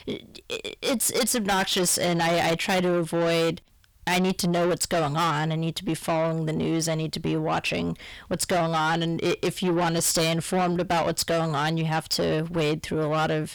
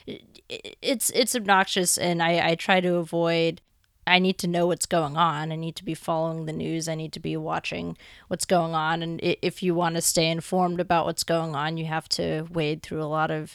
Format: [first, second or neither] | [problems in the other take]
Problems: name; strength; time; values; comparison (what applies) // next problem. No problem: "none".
second | distortion; heavy; 6 dB below the speech